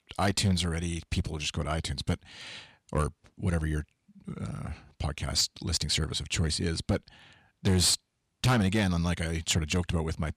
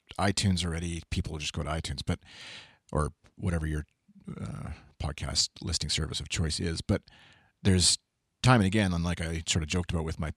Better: second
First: distortion; slight; 3% of the sound clipped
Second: none

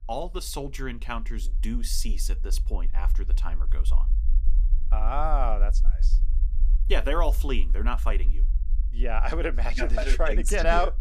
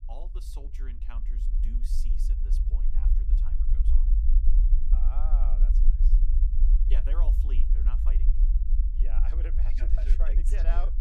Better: first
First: low rumble; faint; throughout; 25 dB below the speech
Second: low rumble; loud; throughout; 4 dB below the speech

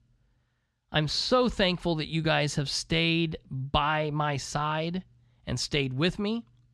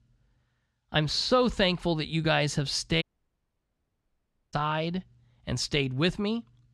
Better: first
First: none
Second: audio cutting out; at 3 s for 1.5 s

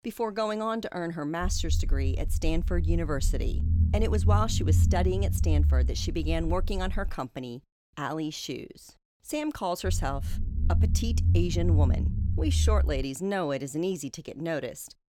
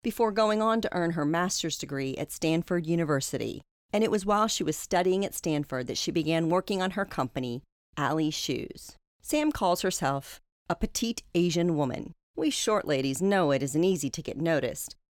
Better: second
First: low rumble; noticeable; from 1.5 to 7 s and from 10 to 13 s; 10 dB below the speech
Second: none

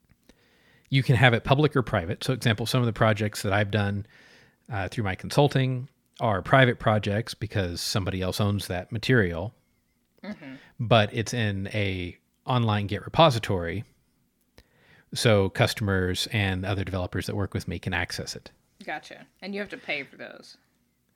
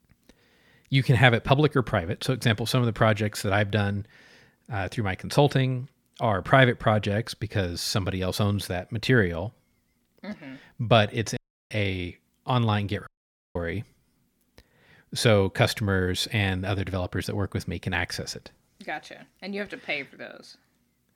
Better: first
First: none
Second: audio cutting out; at 11 s and at 13 s

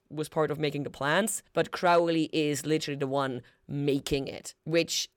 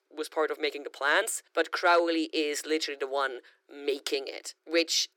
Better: first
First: none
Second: thin; very; fading below 300 Hz

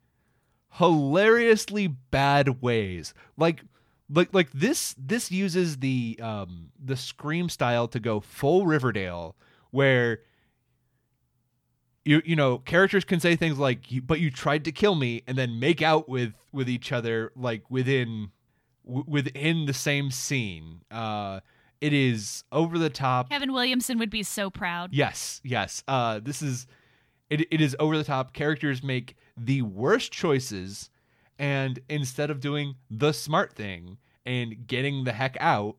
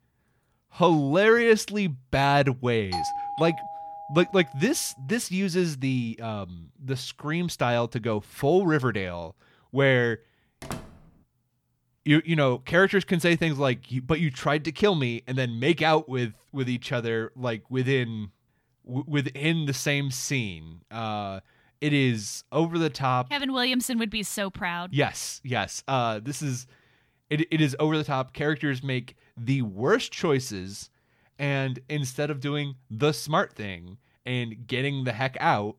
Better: first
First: none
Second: doorbell; noticeable; from 3 to 4.5 s; peak 4 dB below the speech // door banging; faint; at 11 s; peak 10 dB below the speech

